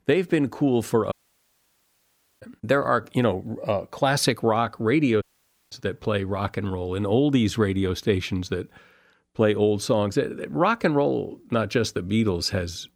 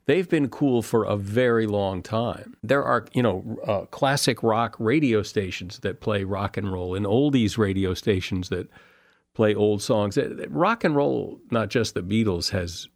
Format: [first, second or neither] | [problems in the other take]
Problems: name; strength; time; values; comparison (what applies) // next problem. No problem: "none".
second | audio cutting out; at 1 s for 1.5 s and at 5 s